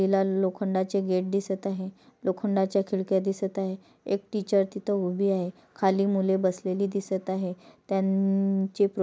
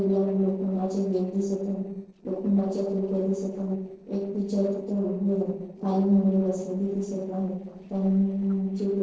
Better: first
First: none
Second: noise reduction (neural separator model SepFormer DNS4)

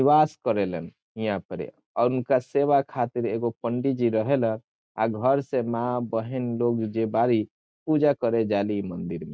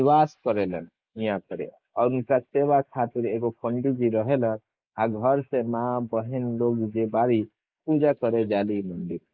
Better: first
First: none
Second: noise reduction (neural mask model Resemble Enhance denoiser)

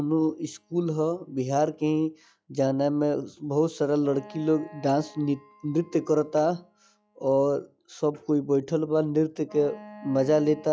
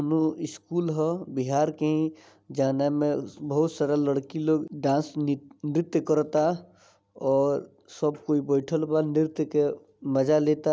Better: second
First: noise reduction (classical method log-MMSE)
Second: none

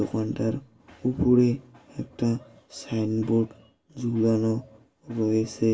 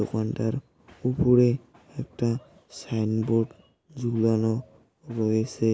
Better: second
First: room echo; dies away in 0.1 s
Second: none

